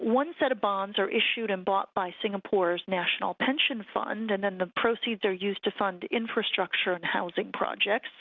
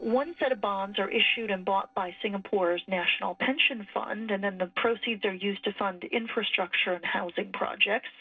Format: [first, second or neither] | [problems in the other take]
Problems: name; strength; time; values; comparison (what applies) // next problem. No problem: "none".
first | noise reduction (neural separator model SepFormer DNS4)